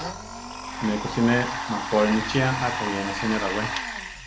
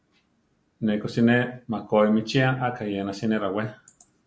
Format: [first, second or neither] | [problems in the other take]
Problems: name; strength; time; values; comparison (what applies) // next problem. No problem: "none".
second | background sound (Domestic sounds, home sounds); 4 dB below the speech